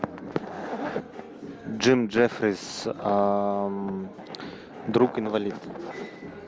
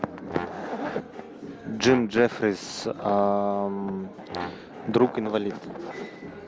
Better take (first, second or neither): first